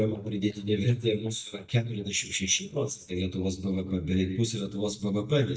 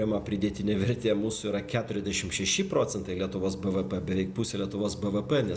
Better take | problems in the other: second | noise reduction (neural mask model DeepFilterNet 3)

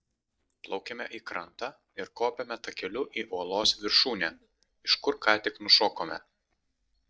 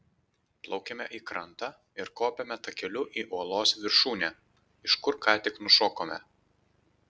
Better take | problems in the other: second | noise reduction (neural mask model DeepFilterNet 3)

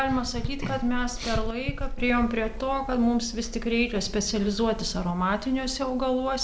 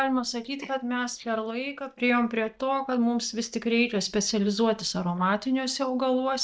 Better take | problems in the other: first | noise reduction (neural mask model DeepFilterNet 3)

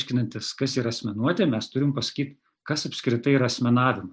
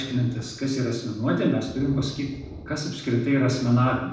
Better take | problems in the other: first | background sound (Thunder); 18 dB below the speech // room echo; dies away in 0.8 s

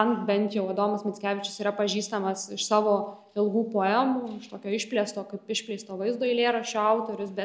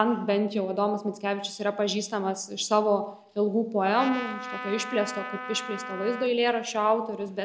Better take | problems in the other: first | background sound (Trumpet); 10 dB below the speech

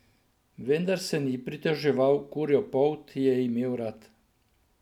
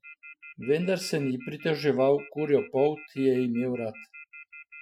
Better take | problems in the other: first | noise reduction (classical method Wiener filter)

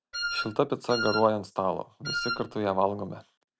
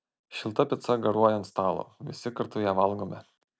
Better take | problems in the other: second | background sound (Wind instrument, woodwind instrument); 4 dB below the speech

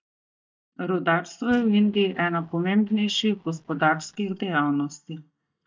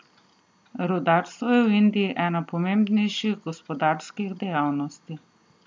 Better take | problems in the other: second | noise reduction (neural mask model DeepFilterNet 3)

